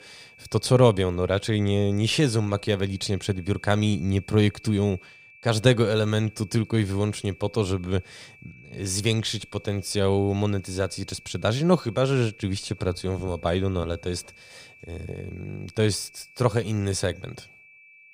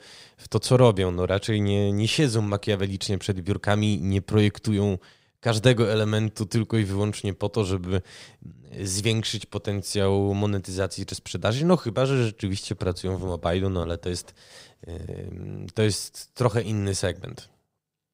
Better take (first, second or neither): second